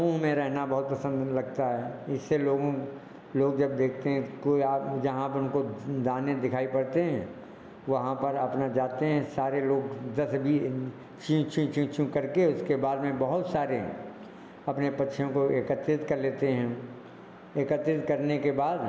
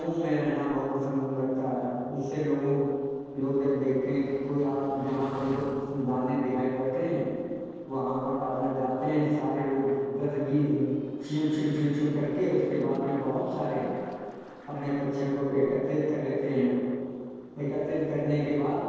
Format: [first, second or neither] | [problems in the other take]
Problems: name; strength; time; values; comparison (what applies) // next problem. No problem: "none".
first | noise reduction (neural separator model SepFormer DNS4)